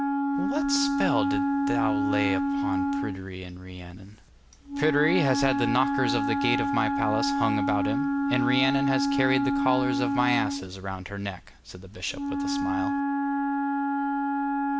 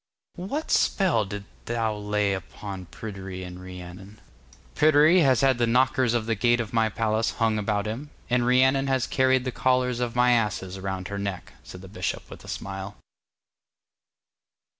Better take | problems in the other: second | background sound (Wind instrument, woodwind instrument); 3 dB above the speech

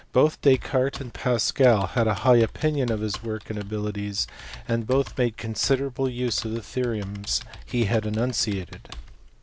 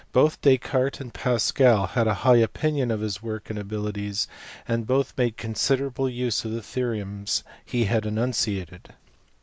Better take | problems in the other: second | background sound (Computer keyboard); 17 dB below the speech

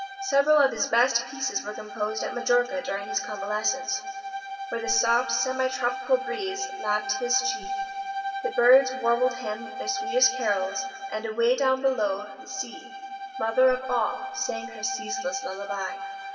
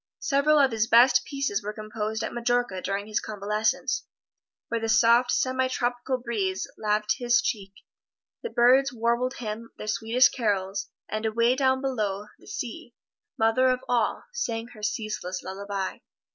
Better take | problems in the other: second | background sound (Bowed string instrument); 9 dB below the speech // room echo; dies away in 1.8 s

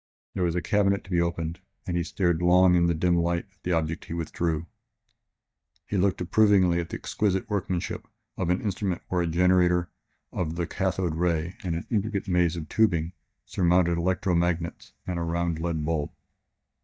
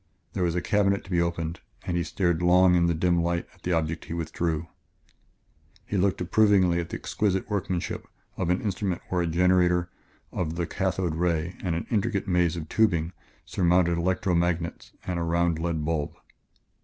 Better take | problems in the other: second | noise reduction (neural mask model DeepFilterNet 3)

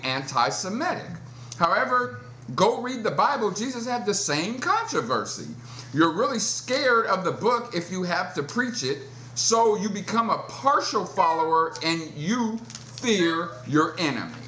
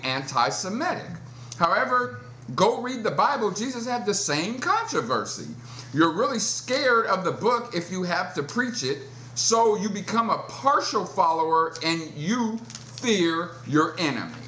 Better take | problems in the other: second | background sound (Cat); 18 dB below the speech

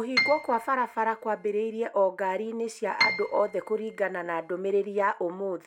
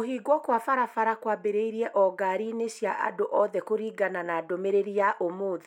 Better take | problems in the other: second | background sound (Piano); 5 dB below the speech

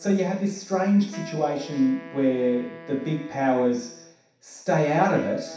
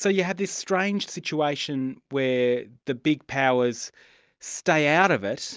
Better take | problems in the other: second | background sound (Wind instrument, woodwind instrument); 19 dB below the speech // room echo; dies away in 0.7 s

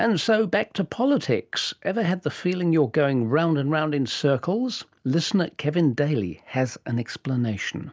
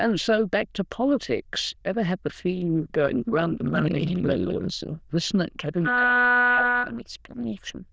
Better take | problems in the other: first | noise reduction (neural diffusion model UNIVERSE++)

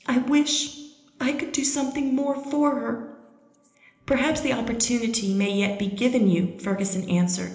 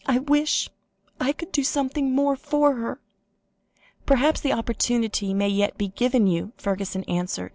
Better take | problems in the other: second | room echo; dies away in 1 s

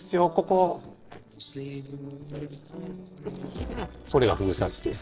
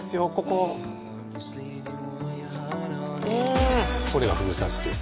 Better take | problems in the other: second | noise reduction (neural separator model SepFormer DNS4)

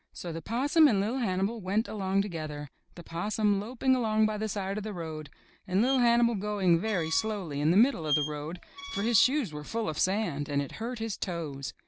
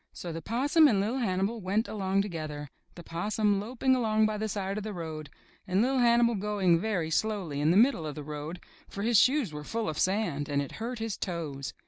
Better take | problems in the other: second | background sound (Squeak); 12 dB below the speech

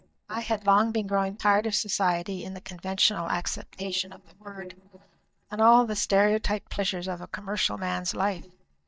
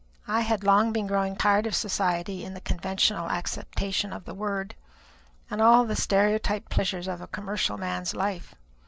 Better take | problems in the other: second | noise reduction (neural mask model DeepFilterNet 3)

